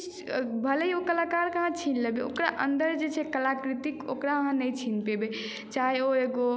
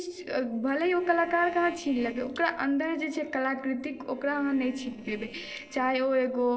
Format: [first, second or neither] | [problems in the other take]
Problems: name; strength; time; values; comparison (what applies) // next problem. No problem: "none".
first | noise reduction (neural separator model SepFormer DNS4)